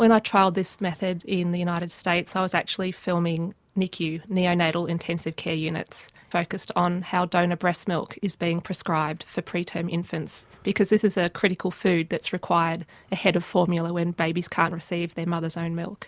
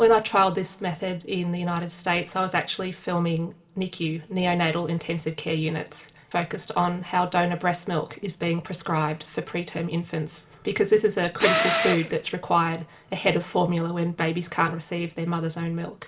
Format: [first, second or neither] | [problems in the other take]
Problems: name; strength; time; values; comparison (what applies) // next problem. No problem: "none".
first | background sound (Tools); 1 dB below the speech // room echo; dies away in 0.3 s